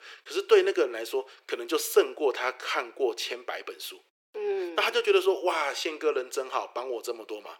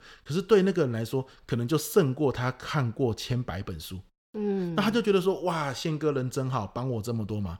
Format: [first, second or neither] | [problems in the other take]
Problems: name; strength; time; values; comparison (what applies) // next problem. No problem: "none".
second | thin; very; fading below 350 Hz